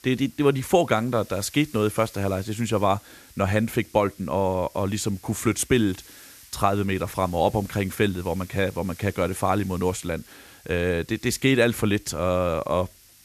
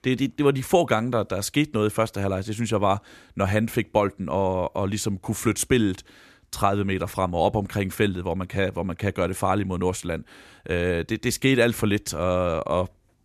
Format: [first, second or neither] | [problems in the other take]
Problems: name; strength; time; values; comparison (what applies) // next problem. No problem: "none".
second | hiss; faint; throughout; 25 dB below the speech